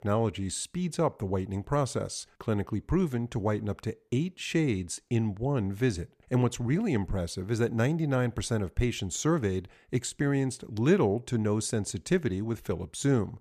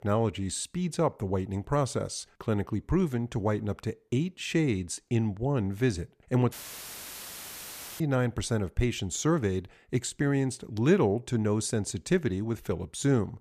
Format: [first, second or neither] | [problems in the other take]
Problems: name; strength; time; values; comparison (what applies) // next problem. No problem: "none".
first | audio cutting out; filled with static; at 6.5 s for 1.5 s